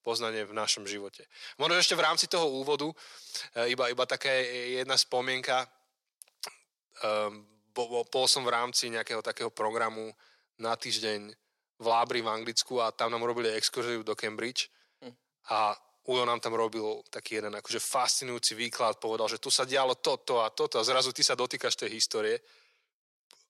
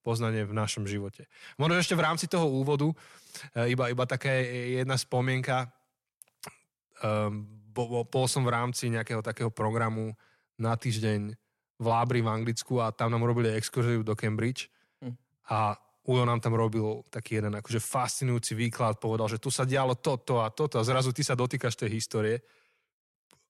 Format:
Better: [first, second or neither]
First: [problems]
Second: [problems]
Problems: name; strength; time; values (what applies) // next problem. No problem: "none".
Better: second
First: thin; very; fading below 450 Hz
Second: none